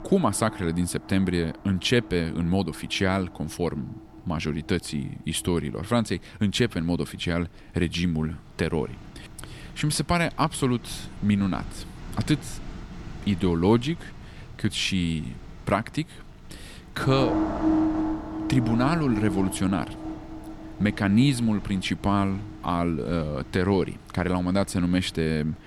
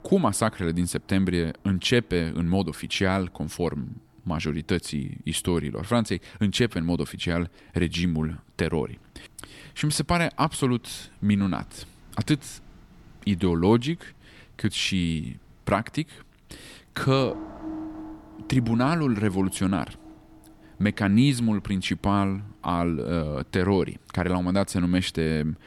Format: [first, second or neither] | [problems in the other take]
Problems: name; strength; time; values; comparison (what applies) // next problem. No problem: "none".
second | background music; loud; throughout; 9 dB below the speech; faint in the second